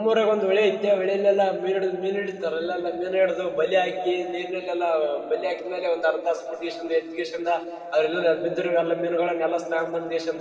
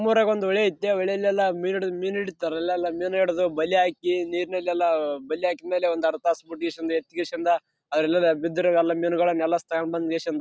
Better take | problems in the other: second | room echo; dies away in 2.7 s

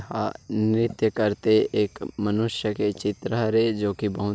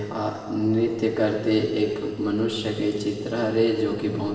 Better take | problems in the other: first | room echo; dies away in 2.7 s

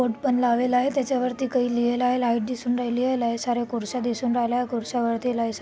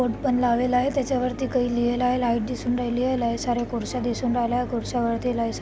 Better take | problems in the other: first | background sound (Mechanisms); 11 dB below the speech

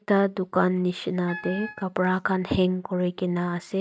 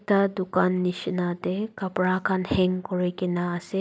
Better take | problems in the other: second | noise reduction (neural mask model RNNoise)

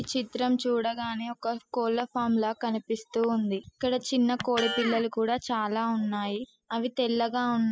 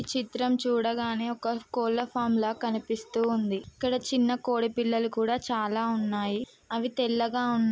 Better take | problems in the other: second | noise reduction (classical method spectral subtraction)

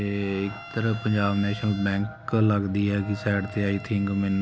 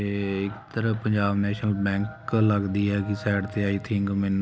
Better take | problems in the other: second | background sound (Bowed string instrument); 20 dB below the speech

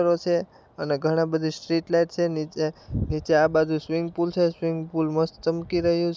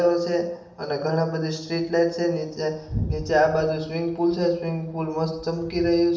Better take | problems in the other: first | room echo; dies away in 0.8 s

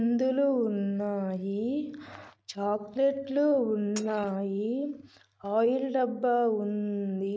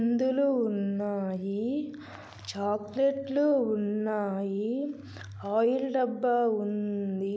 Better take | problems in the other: second | noise reduction (neural mask model RNNoise)

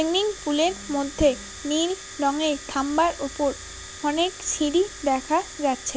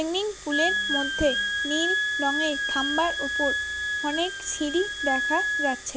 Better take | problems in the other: first | background sound (Wind instrument, woodwind instrument); as loud as the speech

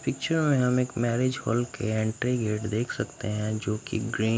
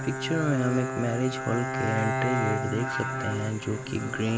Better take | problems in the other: first | background sound (Bowed string instrument); 3 dB below the speech

